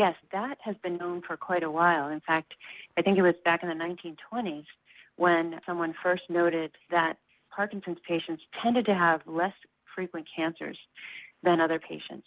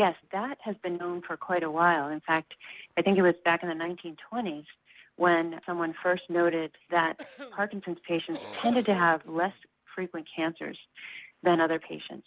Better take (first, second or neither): first